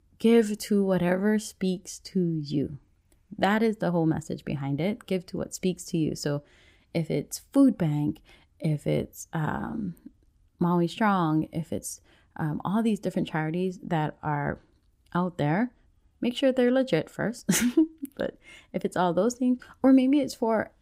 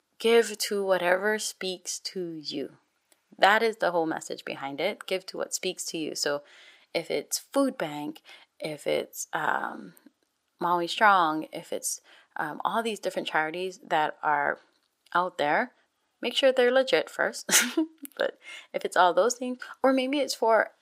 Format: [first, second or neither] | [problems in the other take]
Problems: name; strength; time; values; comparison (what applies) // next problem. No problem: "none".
first | thin; very; fading below 600 Hz